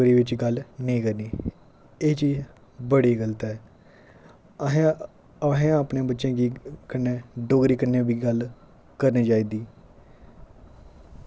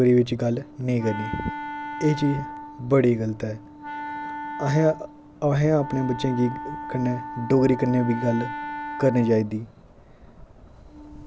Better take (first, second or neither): first